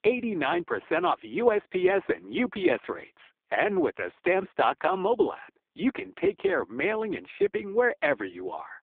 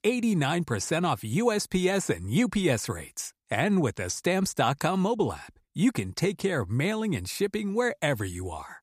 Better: second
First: phone-call audio; poor line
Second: none

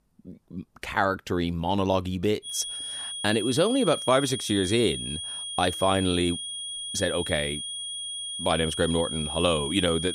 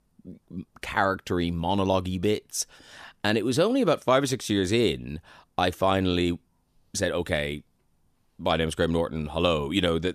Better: second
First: high-pitched whine; loud; from 2.5 s on; 3.5 kHz, 5 dB below the speech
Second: none

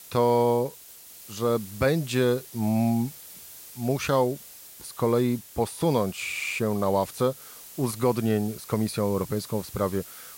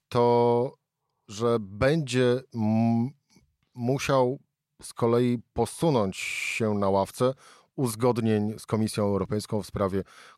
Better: second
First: hiss; noticeable; throughout; 15 dB below the speech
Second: none

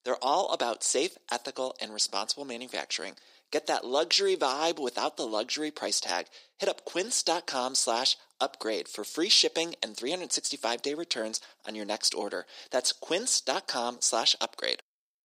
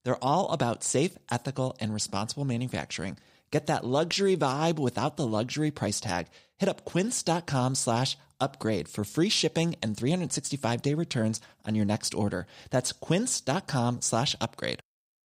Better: second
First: thin; very; fading below 350 Hz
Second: none

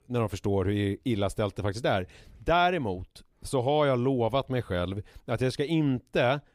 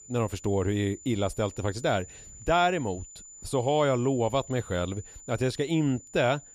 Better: first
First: none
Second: high-pitched whine; noticeable; throughout; 7 kHz, 20 dB below the speech

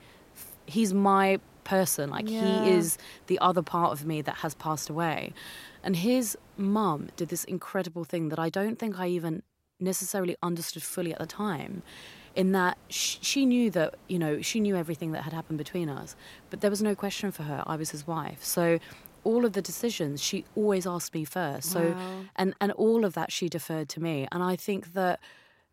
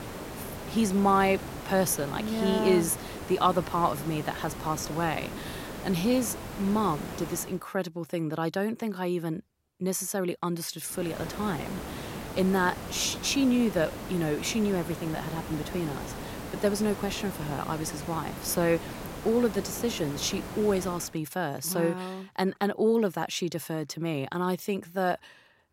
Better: first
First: hiss; faint; until 7.5 s and from 11 to 21 s; 25 dB below the speech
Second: hiss; loud; until 7.5 s and from 11 to 21 s; 10 dB below the speech

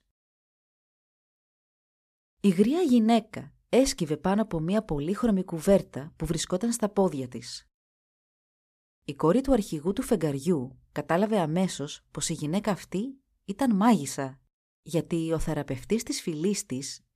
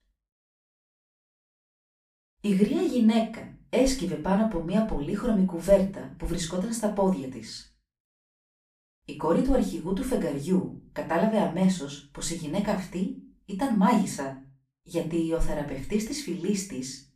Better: first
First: none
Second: room echo; slight; dies away in 0.3 s // off-mic speech; far

